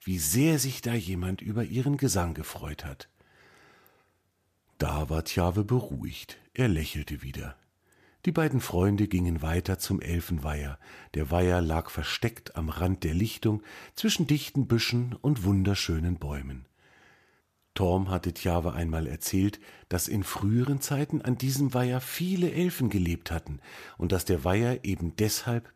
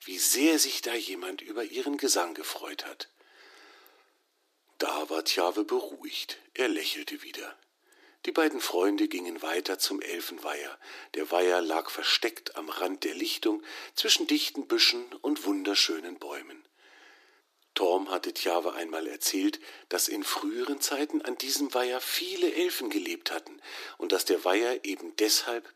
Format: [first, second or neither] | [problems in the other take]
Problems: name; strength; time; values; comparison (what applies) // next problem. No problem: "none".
first | thin; somewhat; fading below 300 Hz